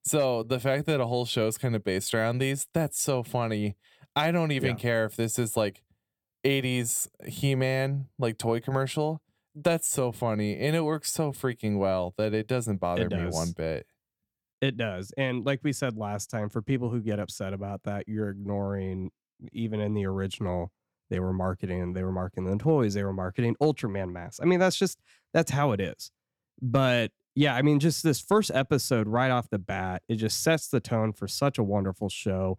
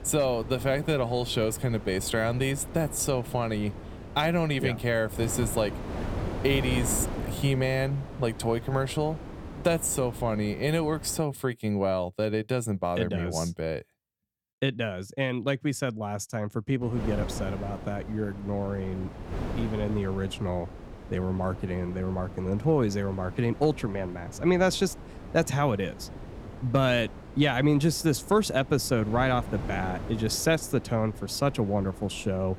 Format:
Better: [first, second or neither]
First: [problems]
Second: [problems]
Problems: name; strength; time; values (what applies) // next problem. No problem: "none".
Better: first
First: none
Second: wind noise on the microphone; occasional gusts; until 11 s and from 17 s on; 15 dB below the speech